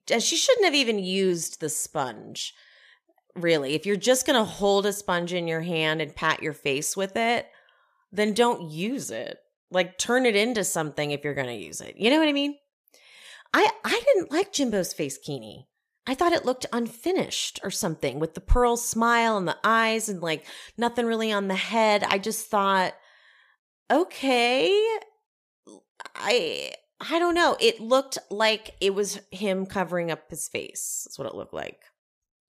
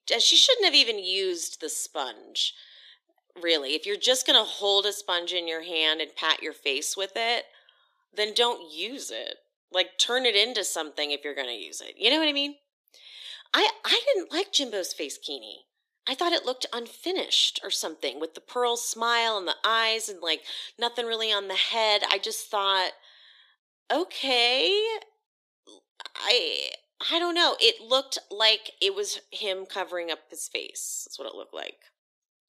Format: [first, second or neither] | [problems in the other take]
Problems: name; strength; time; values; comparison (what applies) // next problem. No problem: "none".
first | thin; somewhat; fading below 300 Hz